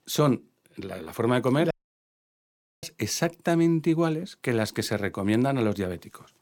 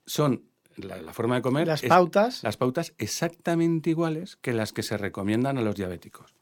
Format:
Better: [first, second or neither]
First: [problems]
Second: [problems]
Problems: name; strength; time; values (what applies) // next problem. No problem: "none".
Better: second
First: audio cutting out; at 1.5 s for 1 s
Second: none